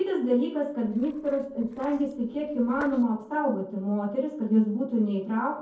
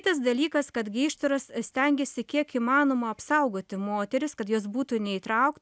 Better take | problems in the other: second | noise reduction (neural separator model SepFormer DNS4)

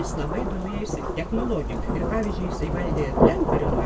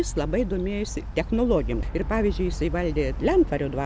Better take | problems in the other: second | background sound (Rain / Thunderstorm); 2 dB above the speech // room echo; dies away in 0.1 s

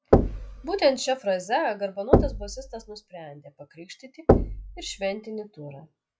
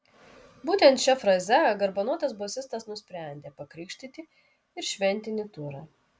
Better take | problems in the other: second | noise reduction (classical method log-MMSE)

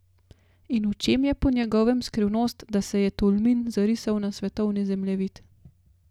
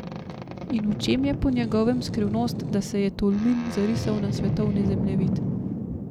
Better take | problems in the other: first | background sound (Boat, Water vehicle); 3 dB below the speech

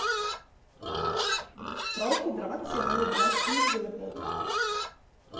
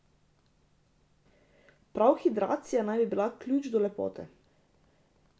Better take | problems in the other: second | background sound (Livestock, farm animals, working animals); 5 dB above the speech // room echo; dies away in 1.3 s

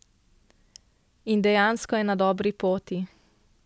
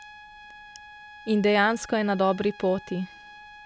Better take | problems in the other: first | background sound (Trumpet); 19 dB below the speech

